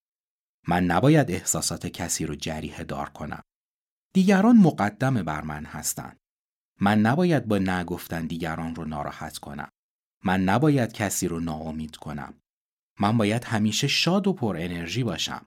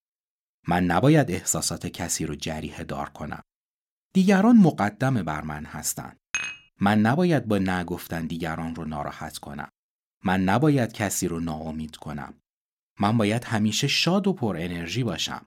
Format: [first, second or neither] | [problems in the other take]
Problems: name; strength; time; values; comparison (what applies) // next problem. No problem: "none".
first | clattering dishes; noticeable; at 6.5 s; peak 5 dB below the speech